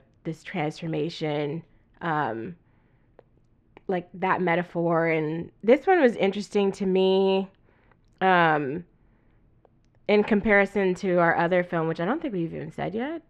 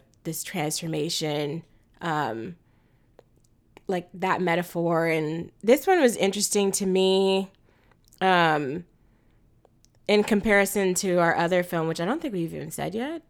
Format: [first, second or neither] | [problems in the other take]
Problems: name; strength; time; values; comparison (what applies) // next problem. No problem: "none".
second | muffled; very; fading above 2 kHz